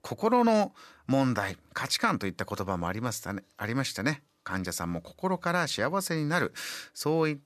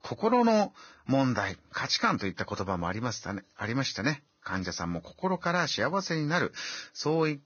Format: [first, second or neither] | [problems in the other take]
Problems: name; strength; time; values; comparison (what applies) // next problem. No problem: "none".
first | garbled, watery; badly; nothing above 6.5 kHz